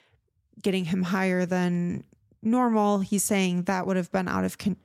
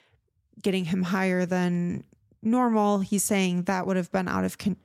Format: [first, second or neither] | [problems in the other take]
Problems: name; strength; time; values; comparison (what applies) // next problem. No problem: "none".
neither | none